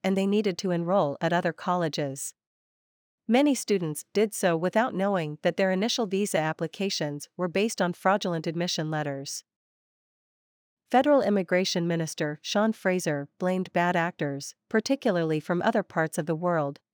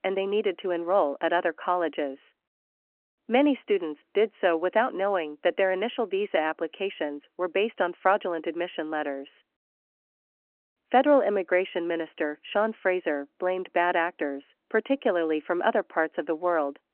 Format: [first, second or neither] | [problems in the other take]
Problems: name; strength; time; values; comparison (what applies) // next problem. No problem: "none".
first | phone-call audio